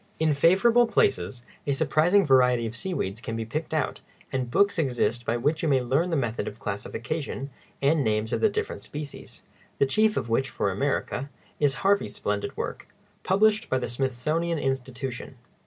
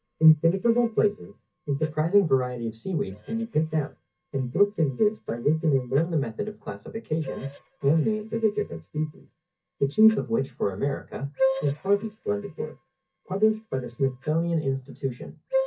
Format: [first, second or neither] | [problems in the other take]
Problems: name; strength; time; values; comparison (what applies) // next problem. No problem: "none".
first | noise reduction (neural mask model DeepFilterNet 3)